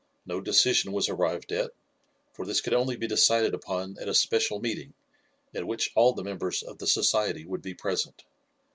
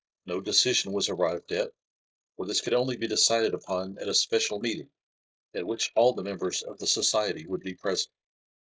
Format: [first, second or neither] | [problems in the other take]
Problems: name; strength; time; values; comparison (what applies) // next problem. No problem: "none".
first | noise reduction (neural mask model Resemble Enhance denoiser)